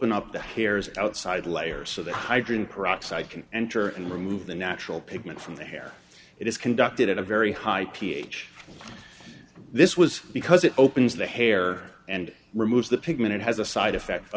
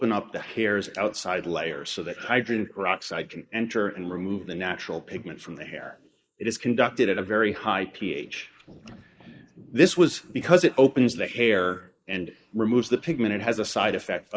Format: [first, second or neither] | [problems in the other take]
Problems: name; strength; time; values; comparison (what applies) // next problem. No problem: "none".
first | noise reduction (neural mask model Resemble Enhance denoiser)